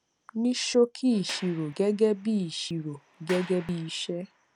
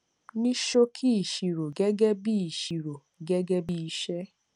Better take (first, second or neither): second